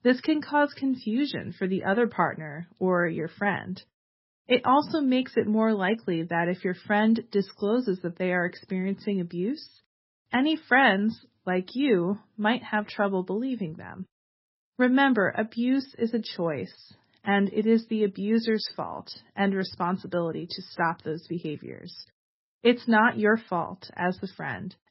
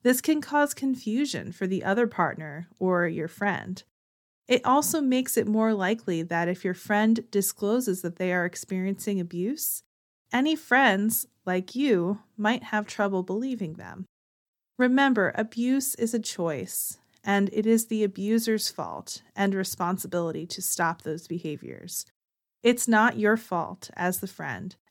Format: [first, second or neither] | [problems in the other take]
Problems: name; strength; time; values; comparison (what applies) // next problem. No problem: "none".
second | garbled, watery; badly; nothing above 5.5 kHz